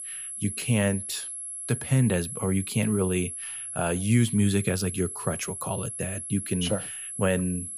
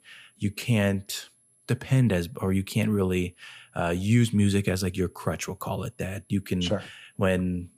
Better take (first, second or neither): second